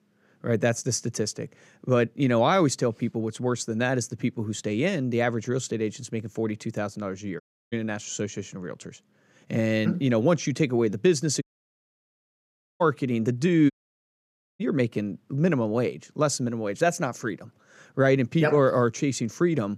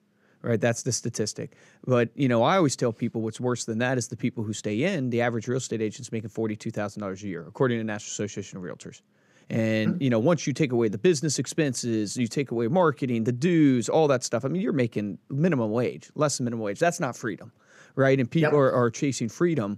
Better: second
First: audio cutting out; at 7.5 s, at 11 s for 1.5 s and at 14 s for 1 s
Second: none

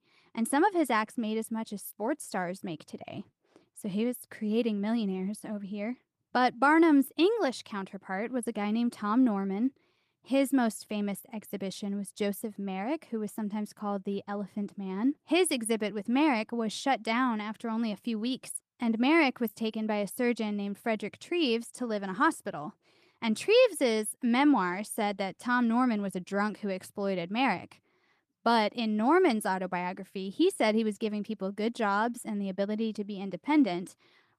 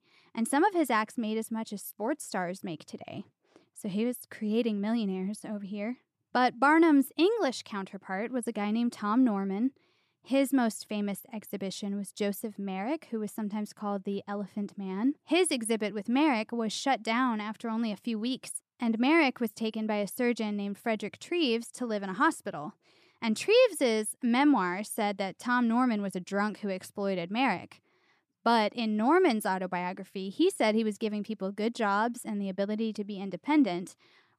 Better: second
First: garbled, watery; slightly; nothing above 14.5 kHz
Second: none

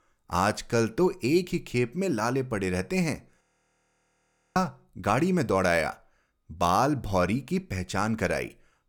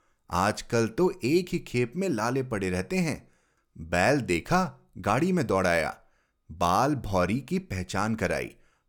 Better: second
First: audio freezing; at 3.5 s for 1 s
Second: none

